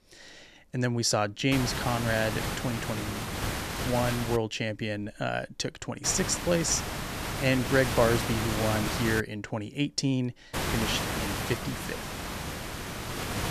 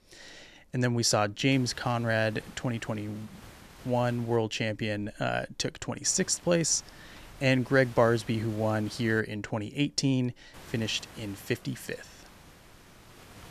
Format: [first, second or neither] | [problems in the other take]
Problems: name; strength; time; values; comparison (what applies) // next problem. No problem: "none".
second | hiss; loud; from 1.5 to 4.5 s, from 6 to 9 s and from 11 s on; 3 dB below the speech; faint in the second